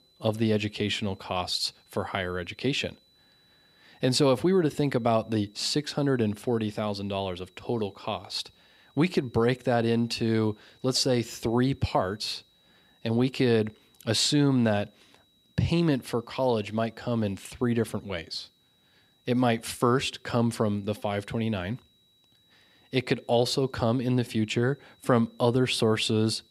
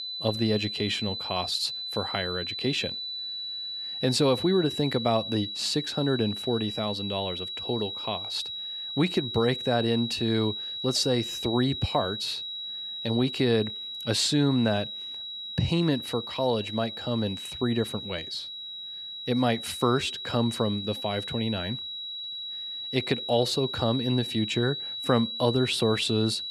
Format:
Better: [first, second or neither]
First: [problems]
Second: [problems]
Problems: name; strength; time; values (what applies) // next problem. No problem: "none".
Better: first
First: high-pitched whine; faint; throughout; 4 kHz, 35 dB below the speech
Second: high-pitched whine; loud; throughout; 4 kHz, 5 dB below the speech